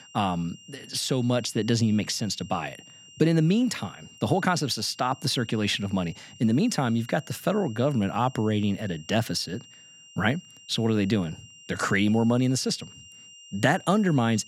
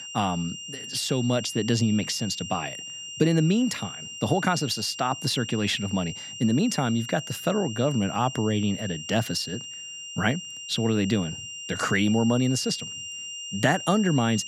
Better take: first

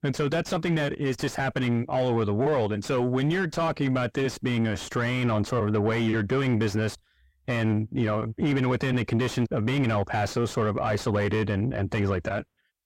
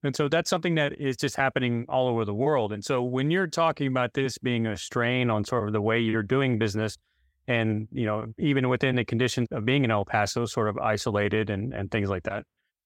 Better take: second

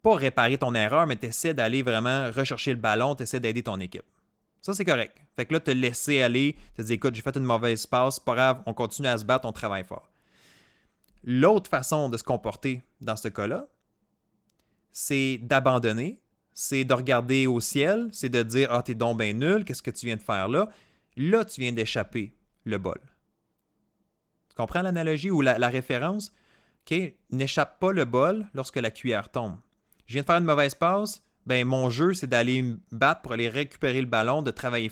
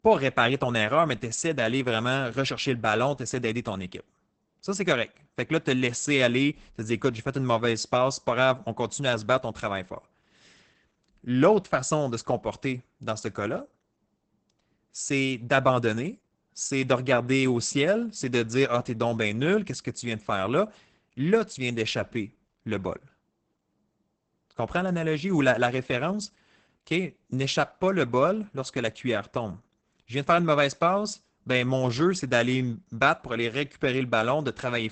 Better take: first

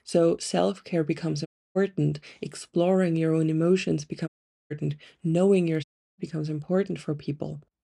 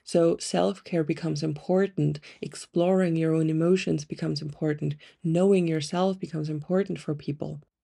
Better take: second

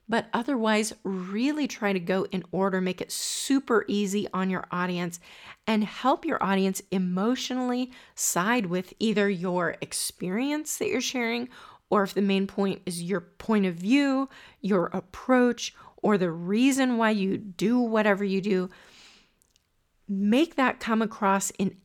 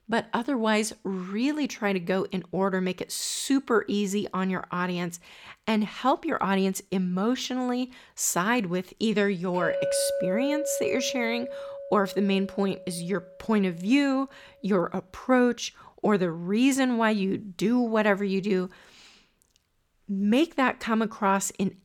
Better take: first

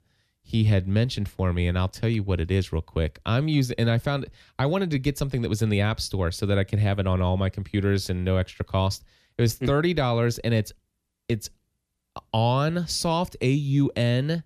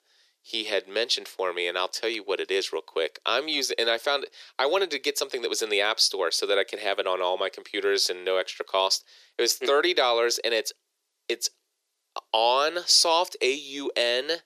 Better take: first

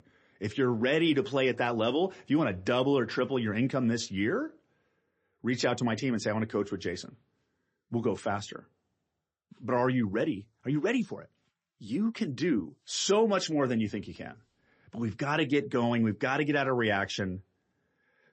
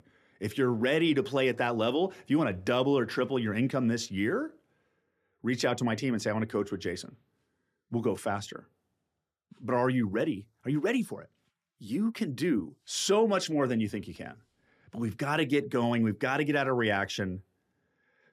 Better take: second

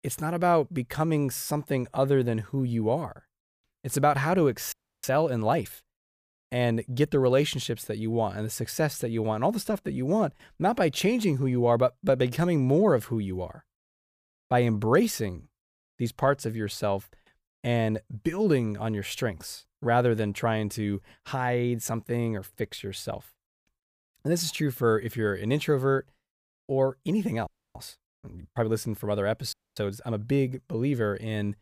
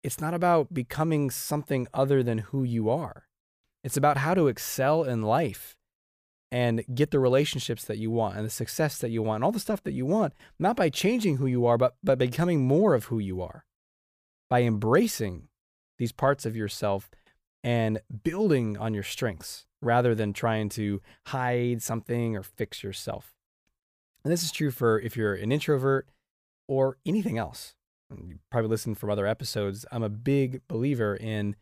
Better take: second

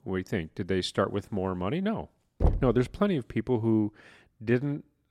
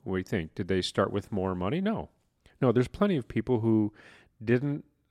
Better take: second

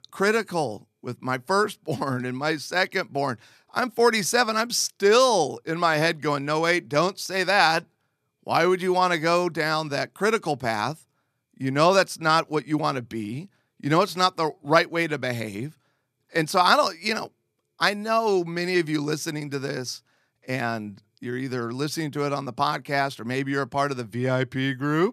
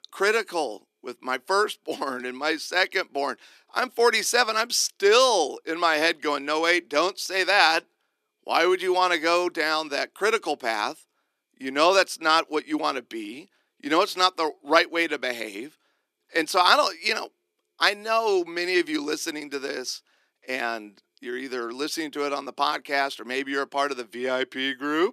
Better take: first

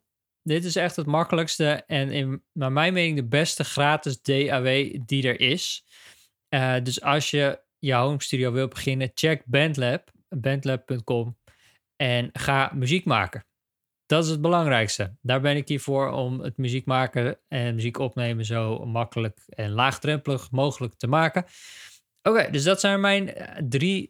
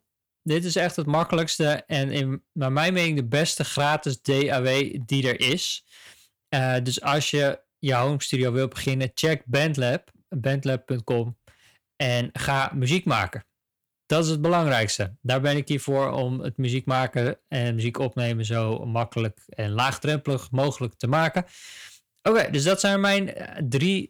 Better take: first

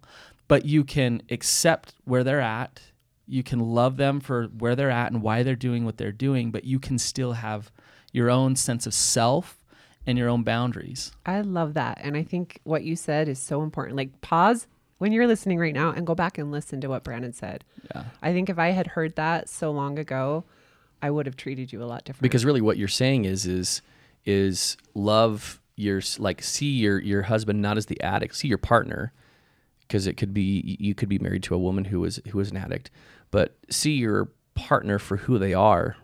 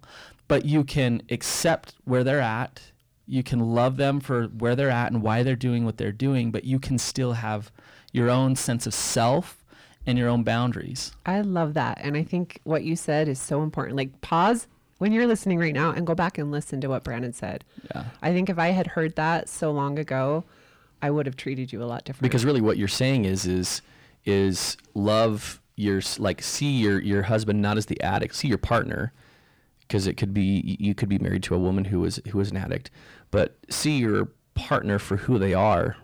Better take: first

